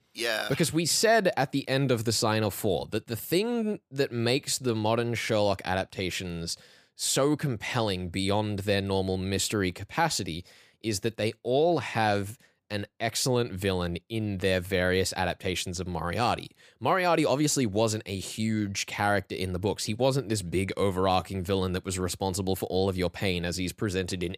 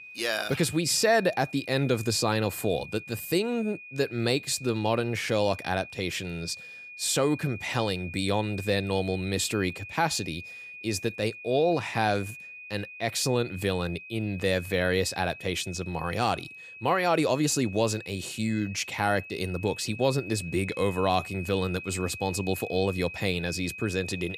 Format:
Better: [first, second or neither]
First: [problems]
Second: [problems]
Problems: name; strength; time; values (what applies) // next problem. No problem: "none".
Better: first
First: none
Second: high-pitched whine; noticeable; throughout; 2.5 kHz, 15 dB below the speech